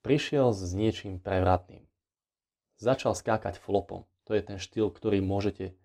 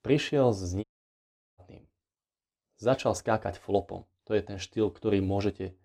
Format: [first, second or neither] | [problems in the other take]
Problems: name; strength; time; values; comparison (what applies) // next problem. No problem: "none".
first | audio cutting out; at 1 s for 0.5 s